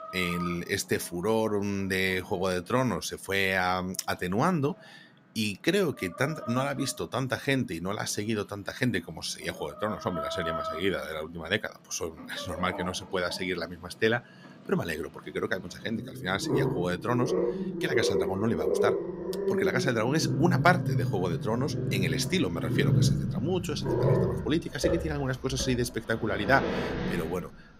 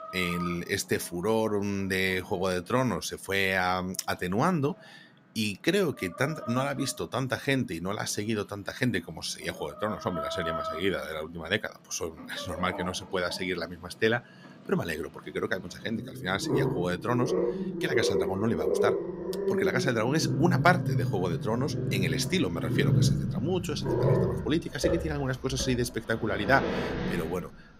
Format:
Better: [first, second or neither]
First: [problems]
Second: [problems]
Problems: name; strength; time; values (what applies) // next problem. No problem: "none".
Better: neither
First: animal sounds; loud; throughout; 1 dB below the speech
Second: animal sounds; loud; throughout; 1 dB below the speech